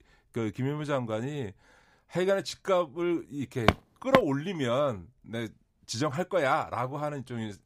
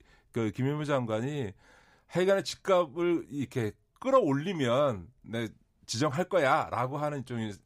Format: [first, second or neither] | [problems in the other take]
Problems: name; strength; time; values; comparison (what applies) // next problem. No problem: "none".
second | footsteps; loud; at 3.5 s; peak 3 dB above the speech